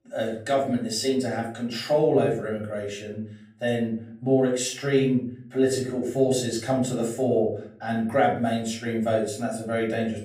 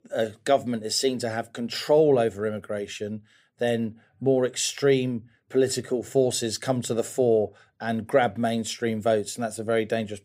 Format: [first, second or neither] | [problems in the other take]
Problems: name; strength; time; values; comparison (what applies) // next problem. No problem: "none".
second | off-mic speech; far // room echo; slight; dies away in 0.4 s